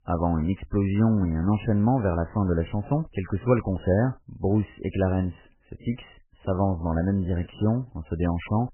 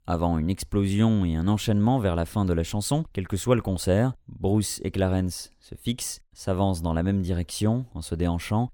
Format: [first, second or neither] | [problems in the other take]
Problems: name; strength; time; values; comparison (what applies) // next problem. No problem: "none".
second | garbled, watery; badly; nothing above 3 kHz